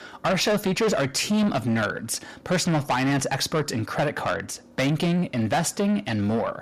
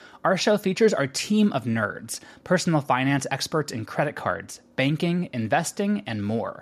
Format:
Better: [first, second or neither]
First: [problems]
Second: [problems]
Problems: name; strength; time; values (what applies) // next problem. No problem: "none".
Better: second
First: distortion; heavy; 7 dB below the speech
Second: none